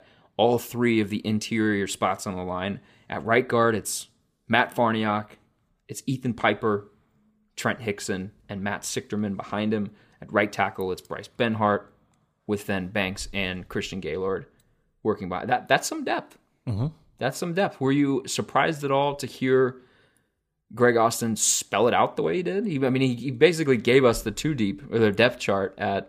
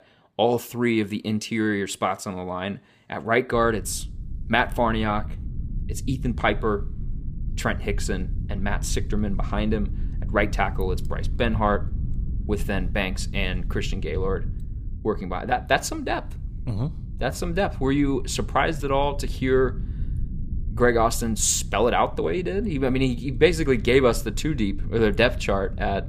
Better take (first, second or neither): first